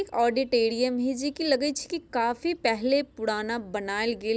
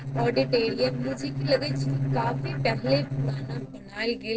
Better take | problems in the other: first | noise reduction (neural separator model SepFormer DNS4)

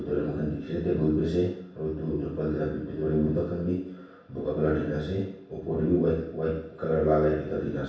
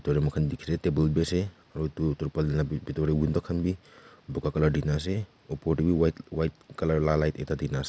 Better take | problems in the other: second | room echo; dies away in 0.7 s

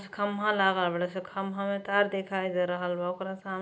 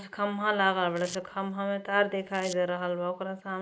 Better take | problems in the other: first | noise reduction (neural mask model Resemble Enhance denoiser)

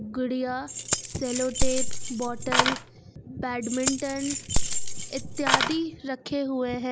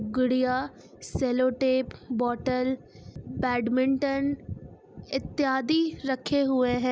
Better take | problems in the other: second | background sound (Keys jangling); 5 dB above the speech

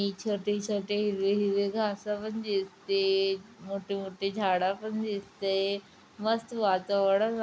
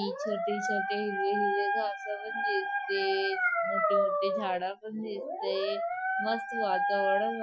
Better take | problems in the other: first | noise reduction (classical method Wiener filter)

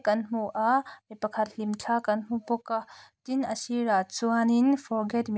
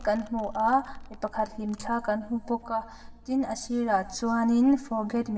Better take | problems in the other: first | background sound (Domestic sounds, home sounds); 18 dB below the speech // room echo; dies away in 2.7 s

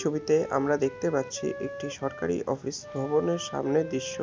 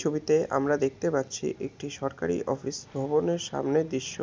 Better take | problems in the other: second | background sound (Wind instrument, woodwind instrument); 13 dB below the speech

